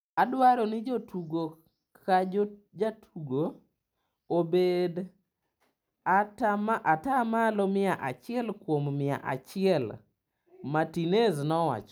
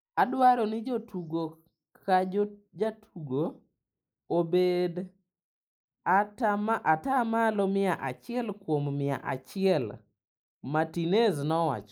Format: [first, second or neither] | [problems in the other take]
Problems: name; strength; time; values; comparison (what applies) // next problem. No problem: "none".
first | noise reduction (neural mask model Resemble Enhance denoiser)